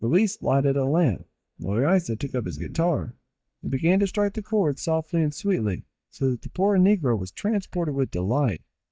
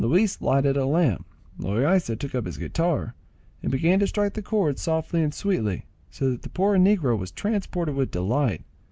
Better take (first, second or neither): second